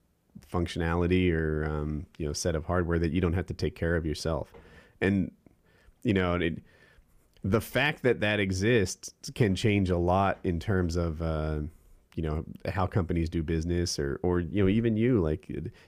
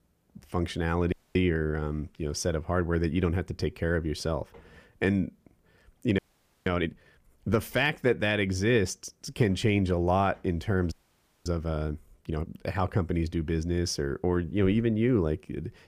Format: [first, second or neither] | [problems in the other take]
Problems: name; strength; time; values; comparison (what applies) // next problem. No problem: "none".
first | audio freezing; at 1 s, at 6 s and at 11 s for 0.5 s